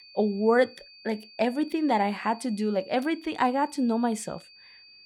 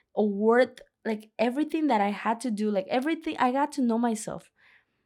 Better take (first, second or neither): second